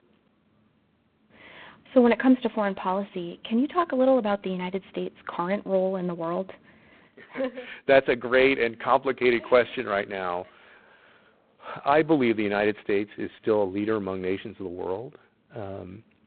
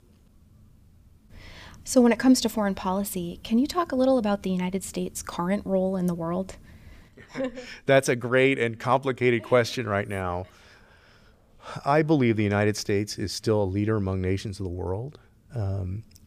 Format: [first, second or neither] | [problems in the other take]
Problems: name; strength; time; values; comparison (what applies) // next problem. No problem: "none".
second | phone-call audio; poor line; nothing above 4 kHz